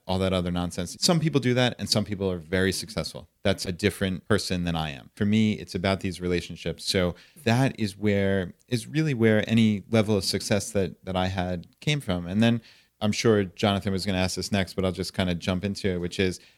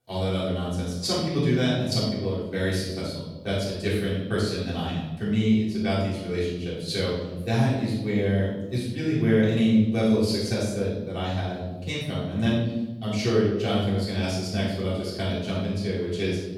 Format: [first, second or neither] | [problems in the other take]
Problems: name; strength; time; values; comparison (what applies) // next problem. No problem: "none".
first | room echo; strong; dies away in 1.3 s // off-mic speech; far